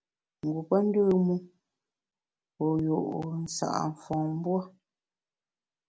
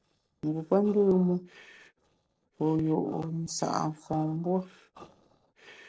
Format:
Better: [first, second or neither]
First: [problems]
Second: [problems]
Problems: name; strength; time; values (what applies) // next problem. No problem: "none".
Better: first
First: none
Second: noise reduction (neural separator model SepFormer DNS4)